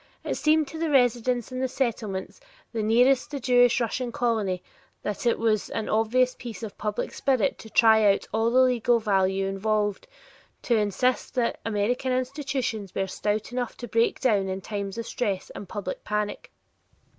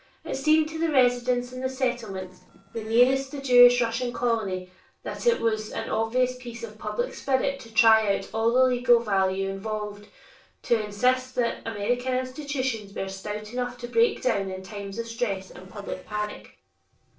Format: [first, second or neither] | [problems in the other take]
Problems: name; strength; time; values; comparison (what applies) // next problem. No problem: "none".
first | noise reduction (neural separator model SepFormer DNS4)